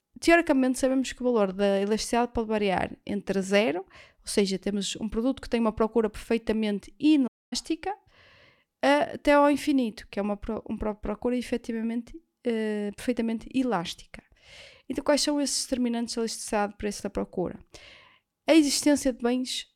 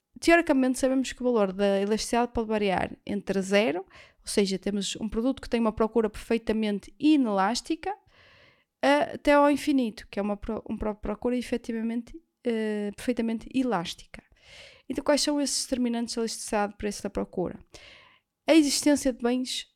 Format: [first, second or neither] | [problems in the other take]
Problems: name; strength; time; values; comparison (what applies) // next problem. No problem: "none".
second | audio cutting out; at 7.5 s